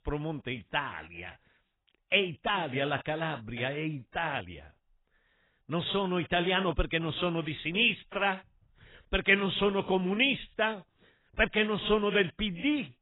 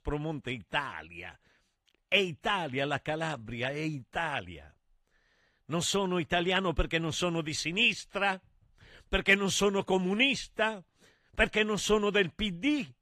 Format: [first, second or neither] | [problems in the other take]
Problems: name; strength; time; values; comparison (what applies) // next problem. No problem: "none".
second | garbled, watery; badly; nothing above 3.5 kHz; slightly in the second